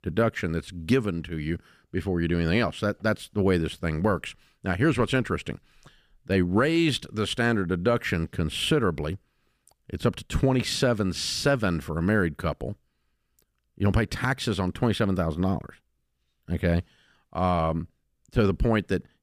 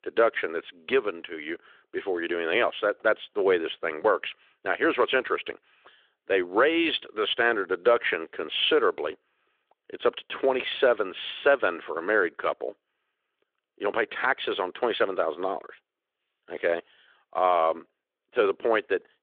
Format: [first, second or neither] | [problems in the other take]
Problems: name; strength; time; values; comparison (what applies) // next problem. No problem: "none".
first | phone-call audio; nothing above 3.5 kHz